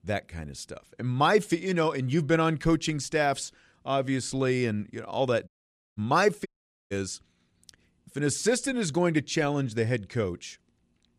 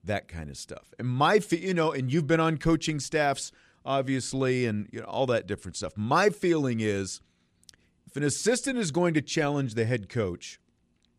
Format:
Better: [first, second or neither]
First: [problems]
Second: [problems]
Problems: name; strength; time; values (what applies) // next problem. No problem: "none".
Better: second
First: audio cutting out; at 5.5 s and at 6.5 s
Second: none